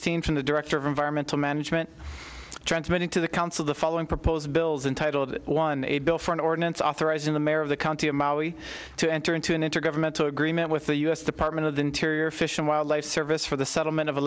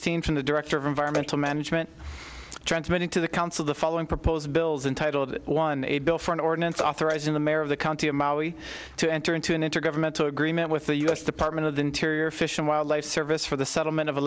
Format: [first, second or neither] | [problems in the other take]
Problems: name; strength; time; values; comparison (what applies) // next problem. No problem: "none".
first | background sound (Bathtub (filling or washing) / Water / Splash, splatter); 16 dB below the speech